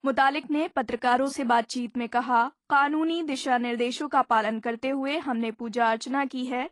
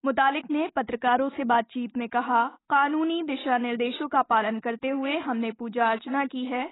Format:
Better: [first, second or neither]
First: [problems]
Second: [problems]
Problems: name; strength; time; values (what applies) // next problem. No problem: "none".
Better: first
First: garbled, watery; slightly; nothing above 11 kHz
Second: garbled, watery; badly; nothing above 4 kHz